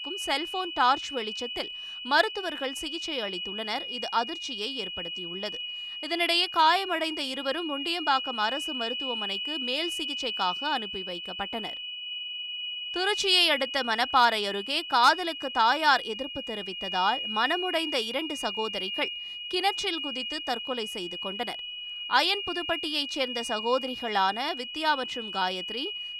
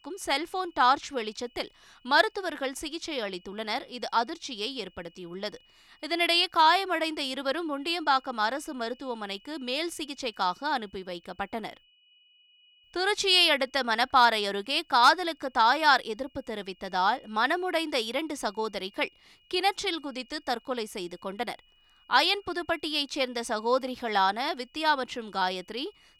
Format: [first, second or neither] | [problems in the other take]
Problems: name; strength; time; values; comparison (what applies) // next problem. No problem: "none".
second | high-pitched whine; loud; throughout; 3 kHz, 5 dB below the speech; faint in the second